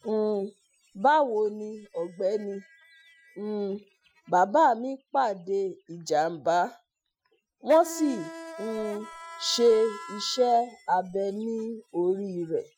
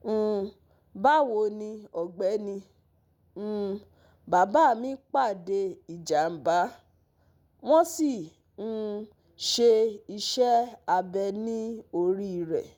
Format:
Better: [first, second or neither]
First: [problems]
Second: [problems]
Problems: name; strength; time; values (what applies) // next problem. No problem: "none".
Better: second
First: noise reduction (classical method Wiener filter)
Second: none